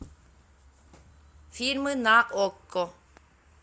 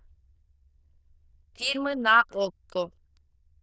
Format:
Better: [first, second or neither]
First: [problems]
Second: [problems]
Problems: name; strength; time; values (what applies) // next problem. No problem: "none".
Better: first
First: none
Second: noise reduction (neural diffusion model UNIVERSE++)